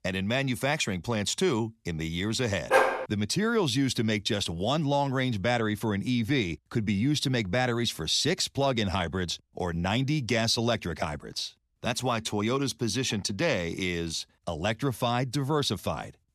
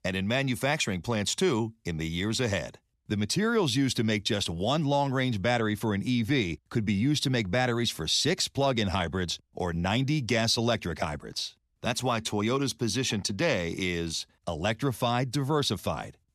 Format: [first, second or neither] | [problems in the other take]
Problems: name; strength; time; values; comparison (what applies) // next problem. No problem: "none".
second | dog barking; loud; at 2.5 s; peak 5 dB above the speech